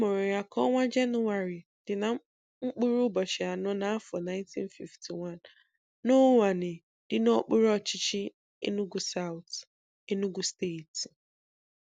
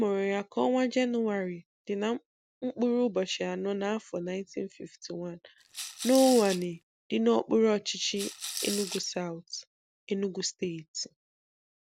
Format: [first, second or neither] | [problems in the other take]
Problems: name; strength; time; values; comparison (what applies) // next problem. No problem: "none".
first | background sound (Rattle / Rattle (instrument)); 8 dB below the speech